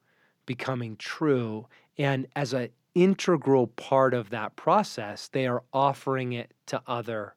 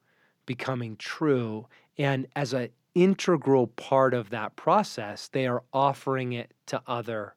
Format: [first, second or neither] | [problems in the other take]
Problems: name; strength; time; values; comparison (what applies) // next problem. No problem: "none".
neither | none